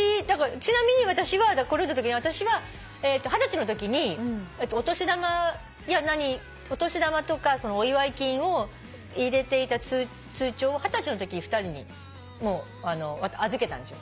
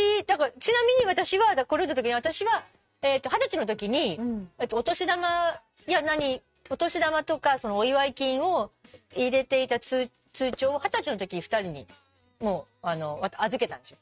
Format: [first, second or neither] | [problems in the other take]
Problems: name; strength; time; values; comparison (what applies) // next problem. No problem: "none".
first | noise reduction (neural mask model RNNoise)